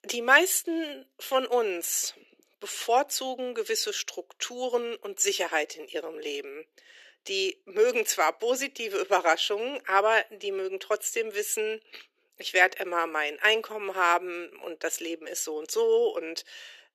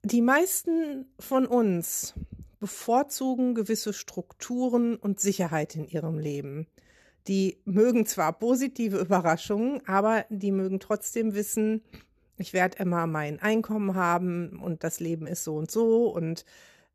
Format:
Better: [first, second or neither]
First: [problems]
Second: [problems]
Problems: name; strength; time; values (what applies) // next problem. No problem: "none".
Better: second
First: thin; very; fading below 350 Hz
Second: none